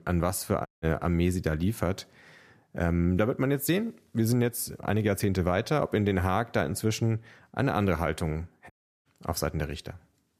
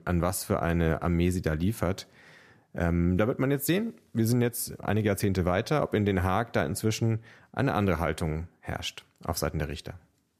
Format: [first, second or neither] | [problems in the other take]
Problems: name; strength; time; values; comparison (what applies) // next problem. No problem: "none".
second | audio cutting out; at 0.5 s and at 8.5 s